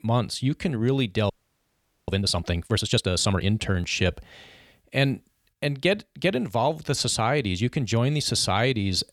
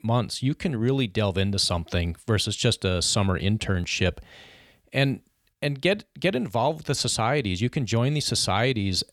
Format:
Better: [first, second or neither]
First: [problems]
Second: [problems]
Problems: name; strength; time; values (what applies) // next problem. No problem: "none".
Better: second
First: audio freezing; at 1.5 s for 1 s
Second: none